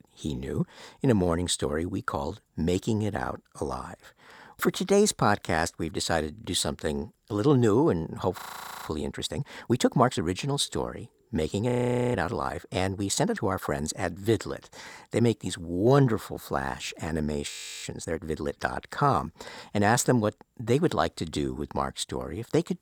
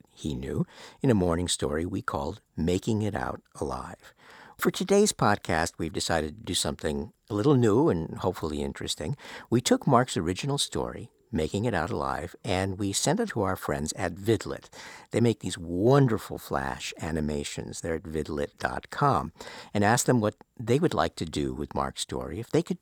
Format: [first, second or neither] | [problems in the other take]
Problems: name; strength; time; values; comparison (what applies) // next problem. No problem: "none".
second | audio freezing; at 8.5 s, at 12 s and at 18 s